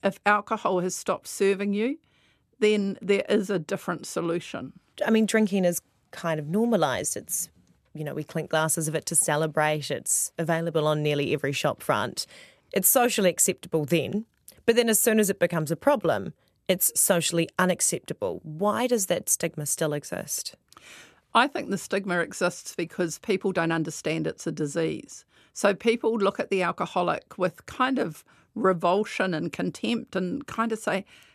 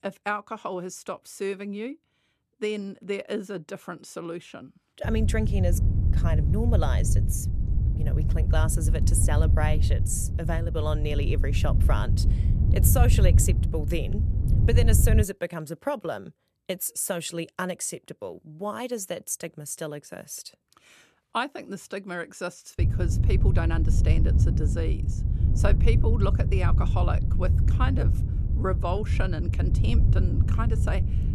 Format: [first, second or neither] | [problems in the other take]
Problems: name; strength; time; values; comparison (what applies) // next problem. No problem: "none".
first | wind noise on the microphone; heavy; from 5 to 15 s and from 23 s on; 7 dB below the speech